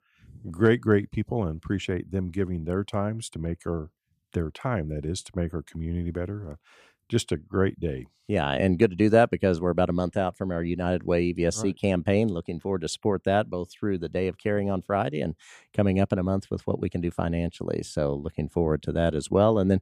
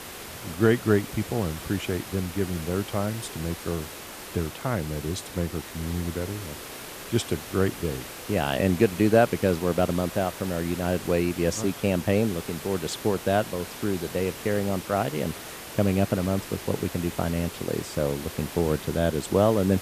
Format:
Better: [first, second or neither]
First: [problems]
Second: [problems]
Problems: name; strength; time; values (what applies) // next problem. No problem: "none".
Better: first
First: none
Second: hiss; noticeable; throughout; 10 dB below the speech